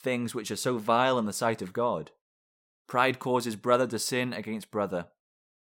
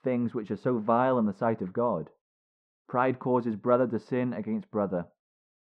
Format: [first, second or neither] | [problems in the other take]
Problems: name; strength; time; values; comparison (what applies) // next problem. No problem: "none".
first | muffled; very; fading above 1 kHz